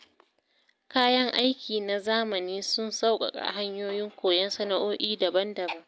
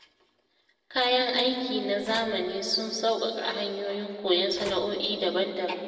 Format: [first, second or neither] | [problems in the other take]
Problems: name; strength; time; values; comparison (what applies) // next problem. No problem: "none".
first | noise reduction (neural separator model SepFormer DNS4)